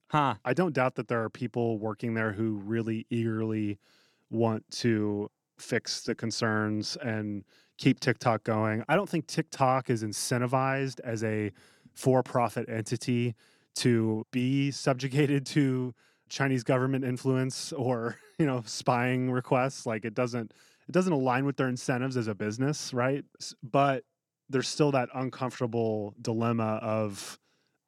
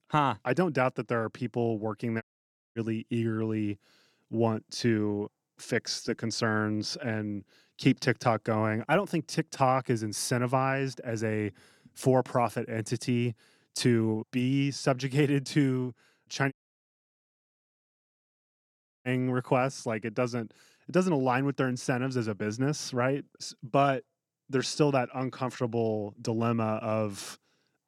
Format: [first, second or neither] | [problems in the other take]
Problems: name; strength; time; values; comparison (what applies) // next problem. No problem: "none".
first | audio cutting out; at 2 s for 0.5 s and at 17 s for 2.5 s